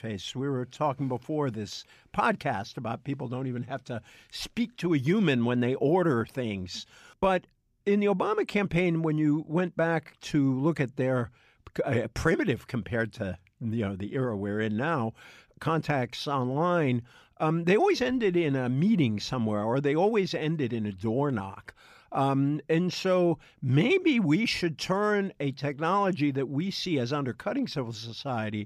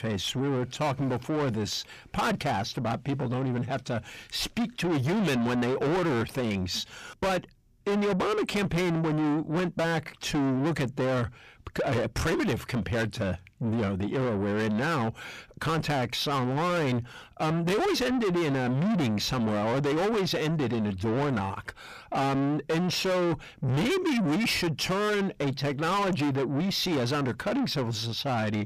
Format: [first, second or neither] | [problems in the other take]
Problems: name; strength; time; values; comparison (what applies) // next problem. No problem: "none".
first | distortion; heavy; 6 dB below the speech